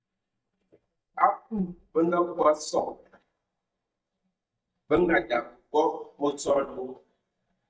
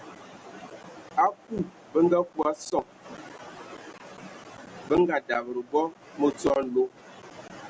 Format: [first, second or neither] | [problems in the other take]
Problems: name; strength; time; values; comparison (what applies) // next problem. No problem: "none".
second | noise reduction (neural mask model DeepFilterNet 3)